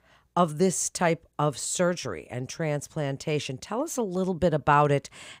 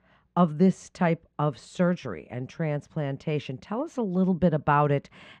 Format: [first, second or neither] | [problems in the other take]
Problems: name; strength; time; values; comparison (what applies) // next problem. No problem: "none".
first | muffled; very; fading above 3 kHz